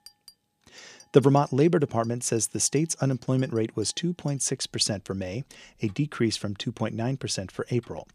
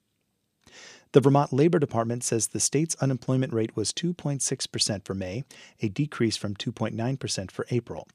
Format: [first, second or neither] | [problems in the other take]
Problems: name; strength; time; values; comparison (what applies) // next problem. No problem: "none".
second | household noises; faint; throughout; 30 dB below the speech